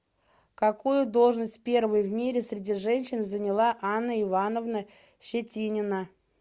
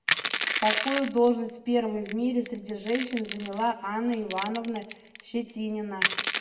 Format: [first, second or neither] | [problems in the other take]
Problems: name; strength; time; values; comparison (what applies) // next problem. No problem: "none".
first | background sound (Crushing); 5 dB below the speech // room echo; dies away in 0.8 s